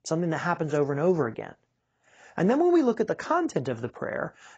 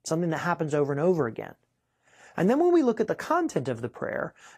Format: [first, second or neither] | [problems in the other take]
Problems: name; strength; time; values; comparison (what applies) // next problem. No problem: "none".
second | garbled, watery; badly; nothing above 7.5 kHz; slightly in the second